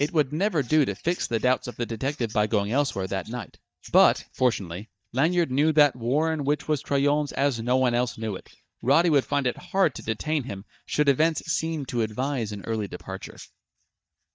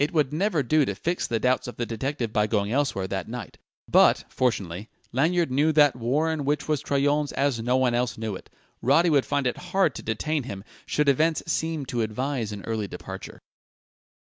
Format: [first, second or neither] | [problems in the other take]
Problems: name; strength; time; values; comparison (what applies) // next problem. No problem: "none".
second | noise reduction (neural mask model DeepFilterNet 3)